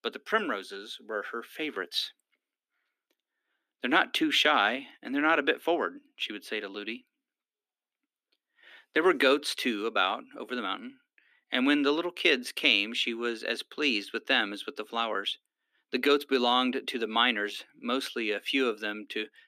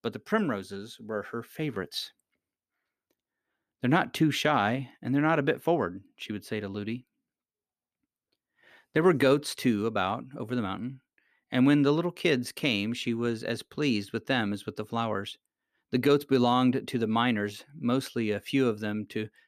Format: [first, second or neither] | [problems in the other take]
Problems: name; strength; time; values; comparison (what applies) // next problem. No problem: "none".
second | thin; very slightly; fading below 250 Hz